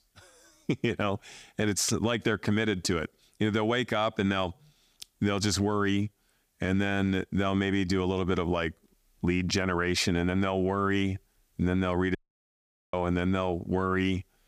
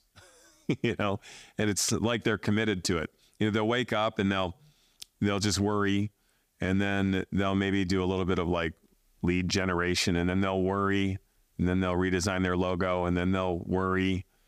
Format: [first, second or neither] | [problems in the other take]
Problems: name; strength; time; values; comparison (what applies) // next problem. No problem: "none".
second | audio cutting out; at 12 s for 1 s